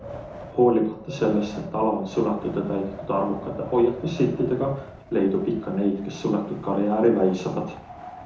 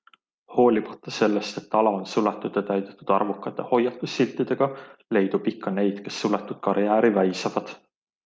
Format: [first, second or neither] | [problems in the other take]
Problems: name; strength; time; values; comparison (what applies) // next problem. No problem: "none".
second | background sound (Wind); 16 dB below the speech // room echo; dies away in 0.6 s